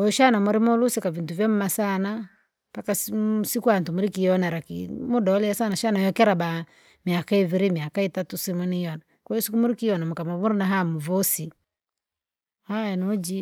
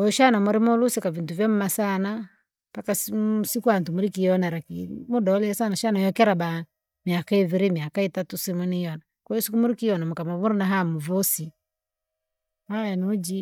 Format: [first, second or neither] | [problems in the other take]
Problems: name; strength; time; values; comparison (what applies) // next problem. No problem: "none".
first | noise reduction (neural mask model DeepFilterNet 3)